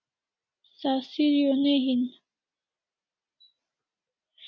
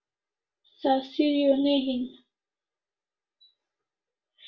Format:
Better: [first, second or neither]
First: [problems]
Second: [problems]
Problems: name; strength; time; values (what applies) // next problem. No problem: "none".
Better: first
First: none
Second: room echo; dies away in 0.2 s